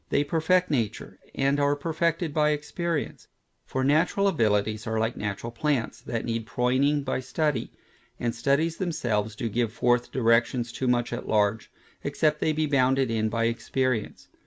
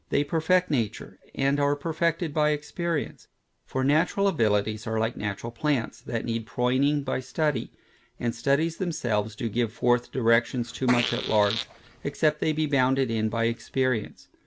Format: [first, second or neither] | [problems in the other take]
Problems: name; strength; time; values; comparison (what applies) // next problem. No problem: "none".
first | background sound (Fart); 8 dB below the speech